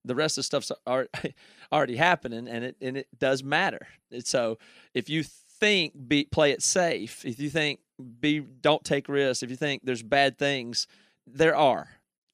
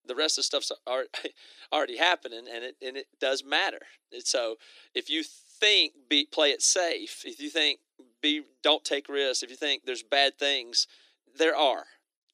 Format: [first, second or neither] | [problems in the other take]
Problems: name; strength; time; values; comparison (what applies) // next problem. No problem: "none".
first | thin; very slightly; fading below 300 Hz